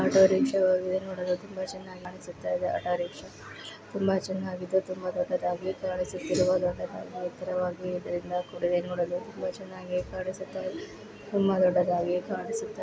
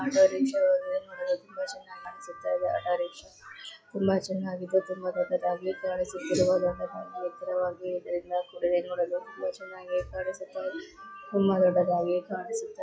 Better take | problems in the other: first | noise reduction (classical method log-MMSE)

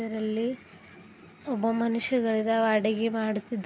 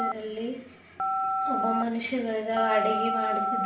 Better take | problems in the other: first | background sound (Telephone); 1 dB above the speech // room echo; dies away in 0.5 s

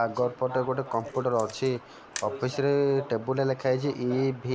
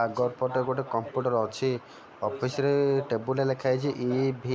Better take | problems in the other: second | background sound (Camera); 20 dB below the speech

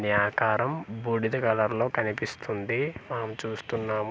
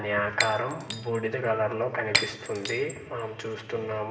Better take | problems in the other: first | background sound (Shatter); 5 dB below the speech // room echo; dies away in 0.8 s

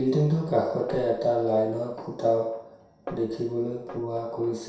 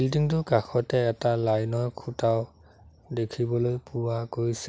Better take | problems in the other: second | background sound (Snare drum); 19 dB below the speech // room echo; dies away in 0.7 s

